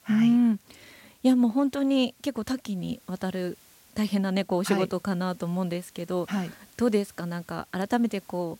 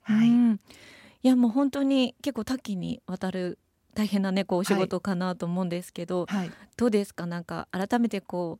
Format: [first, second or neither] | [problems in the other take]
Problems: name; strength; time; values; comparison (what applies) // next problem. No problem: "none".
second | hiss; faint; throughout; 30 dB below the speech